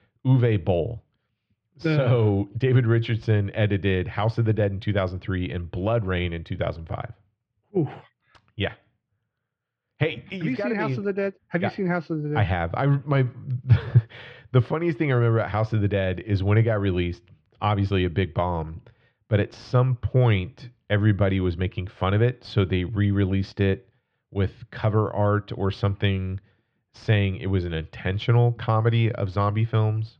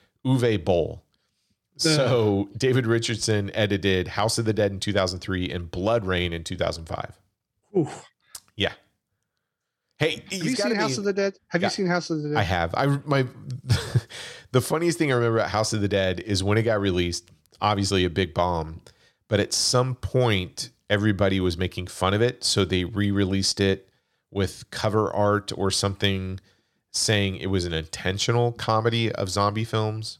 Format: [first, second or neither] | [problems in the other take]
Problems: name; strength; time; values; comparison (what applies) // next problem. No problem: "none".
second | muffled; very; fading above 3 kHz